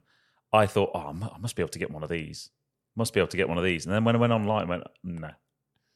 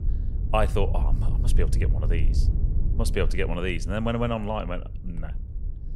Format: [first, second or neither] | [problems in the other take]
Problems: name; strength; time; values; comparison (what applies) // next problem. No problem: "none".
first | low rumble; noticeable; throughout; 15 dB below the speech